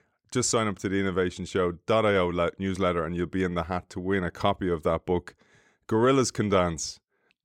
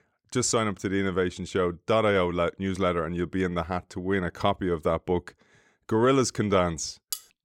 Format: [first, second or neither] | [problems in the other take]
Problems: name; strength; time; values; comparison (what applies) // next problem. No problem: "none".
first | clattering dishes; noticeable; at 7 s; peak 9 dB below the speech